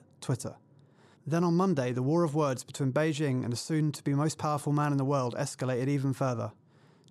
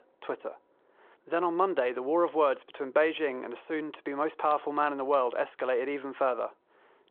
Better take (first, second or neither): first